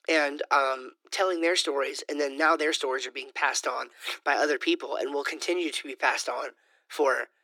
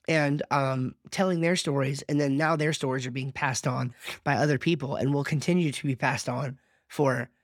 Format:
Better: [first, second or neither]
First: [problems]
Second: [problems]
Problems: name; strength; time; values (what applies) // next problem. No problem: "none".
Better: second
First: thin; very; fading below 300 Hz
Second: none